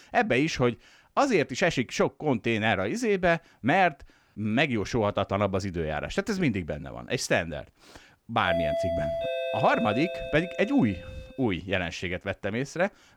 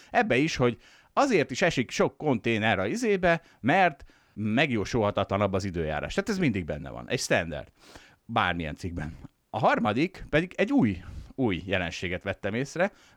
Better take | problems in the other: second | doorbell; noticeable; from 8.5 to 11 s; peak level with the speech

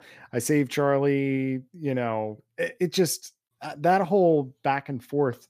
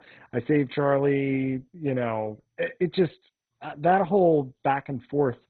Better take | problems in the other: first | garbled, watery; badly; nothing above 4 kHz

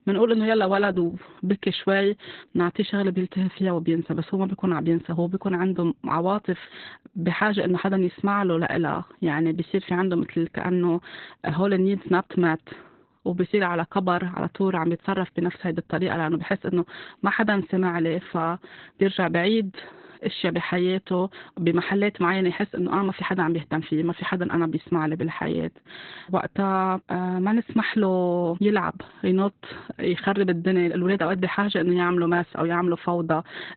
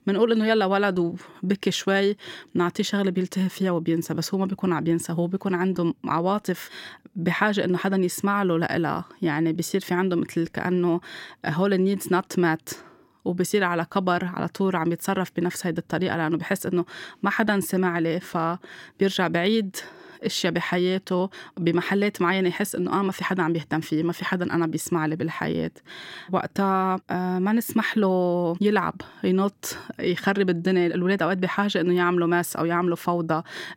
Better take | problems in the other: second | garbled, watery; badly; nothing above 4 kHz

